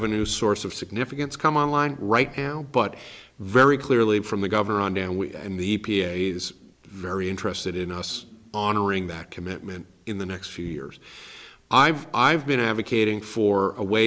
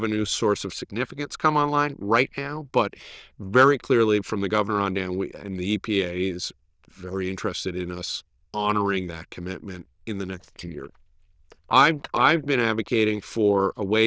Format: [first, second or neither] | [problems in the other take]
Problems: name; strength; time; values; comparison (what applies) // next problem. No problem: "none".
first | noise reduction (neural diffusion model UNIVERSE++)